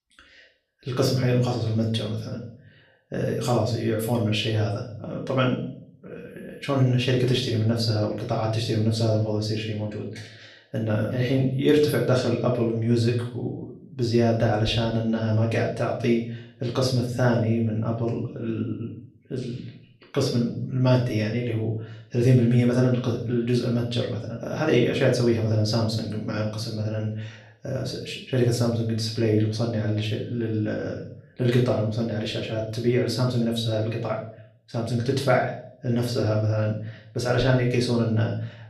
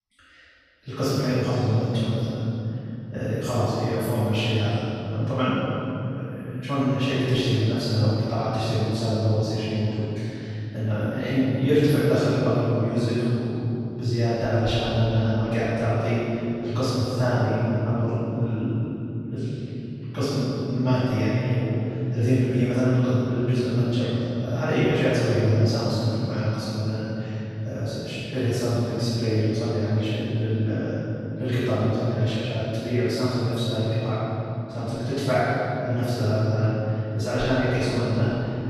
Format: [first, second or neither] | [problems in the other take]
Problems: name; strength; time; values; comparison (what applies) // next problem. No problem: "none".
first | room echo; strong; dies away in 3 s; slight in the first // off-mic speech; far; far in the first